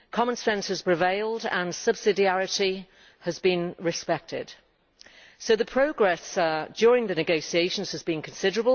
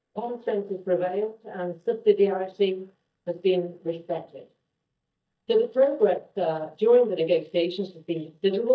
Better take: first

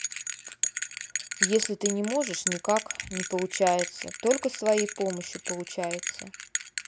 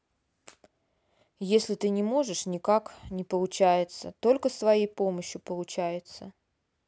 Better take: second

